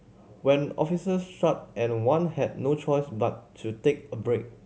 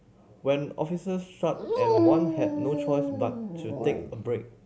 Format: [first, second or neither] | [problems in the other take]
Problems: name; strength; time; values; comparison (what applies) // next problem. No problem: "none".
first | background sound (Dog); 3 dB above the speech